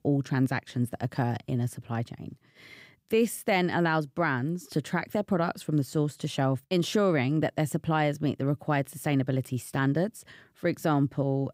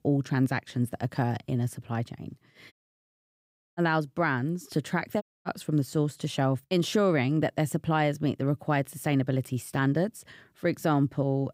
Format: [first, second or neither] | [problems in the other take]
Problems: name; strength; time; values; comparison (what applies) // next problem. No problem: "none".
first | audio cutting out; at 2.5 s for 1 s and at 5 s